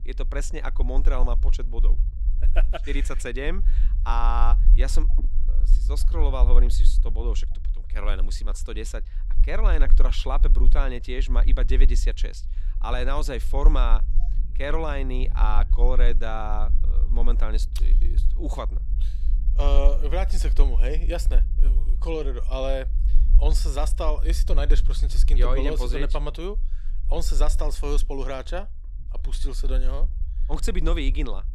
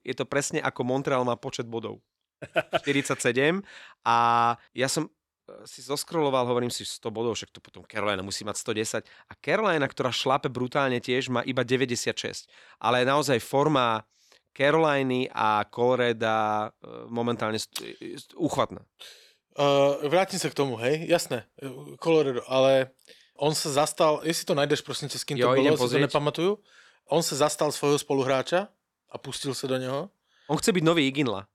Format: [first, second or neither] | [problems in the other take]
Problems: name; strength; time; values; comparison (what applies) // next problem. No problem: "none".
second | low rumble; noticeable; throughout; 15 dB below the speech